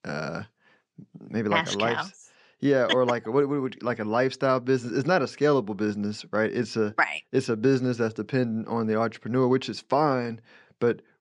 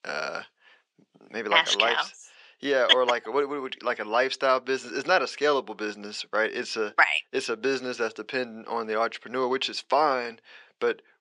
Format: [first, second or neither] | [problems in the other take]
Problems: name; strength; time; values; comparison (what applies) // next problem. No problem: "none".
first | thin; somewhat; fading below 550 Hz